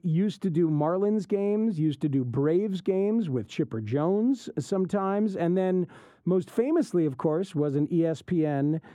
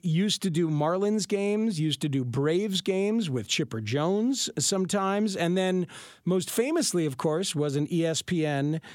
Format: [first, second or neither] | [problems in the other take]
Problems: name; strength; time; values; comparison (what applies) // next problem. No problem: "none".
second | muffled; very; fading above 2 kHz